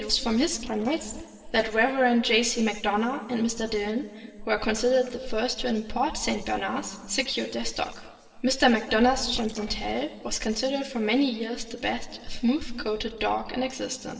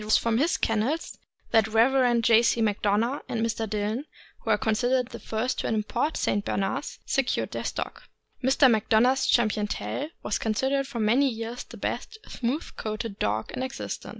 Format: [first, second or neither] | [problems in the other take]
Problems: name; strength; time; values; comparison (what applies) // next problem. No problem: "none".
second | noise reduction (neural separator model SepFormer DNS4)